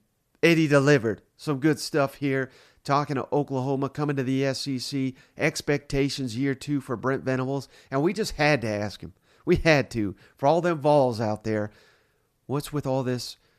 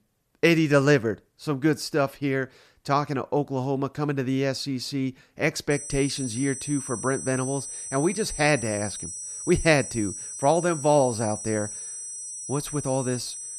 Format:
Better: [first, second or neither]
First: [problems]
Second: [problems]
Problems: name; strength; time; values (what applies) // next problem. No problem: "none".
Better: first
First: none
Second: high-pitched whine; loud; from 5.5 s on; 8 kHz, 8 dB below the speech